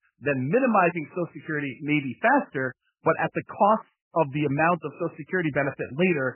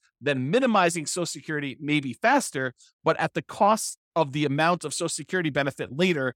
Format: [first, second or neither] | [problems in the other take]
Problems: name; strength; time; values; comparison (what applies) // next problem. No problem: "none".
second | garbled, watery; badly; nothing above 3 kHz